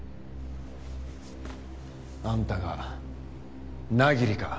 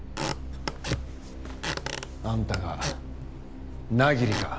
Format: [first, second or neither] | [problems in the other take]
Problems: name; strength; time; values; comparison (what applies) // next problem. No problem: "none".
first | background sound (Squeak / Wood); 6 dB below the speech